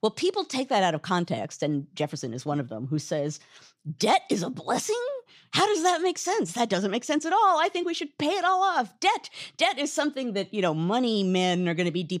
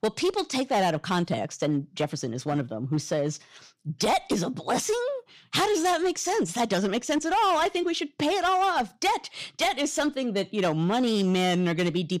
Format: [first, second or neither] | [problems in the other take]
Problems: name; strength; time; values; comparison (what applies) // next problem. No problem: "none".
first | distortion; slight; 10% of the sound clipped